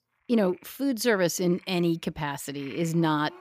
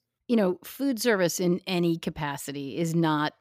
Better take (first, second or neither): second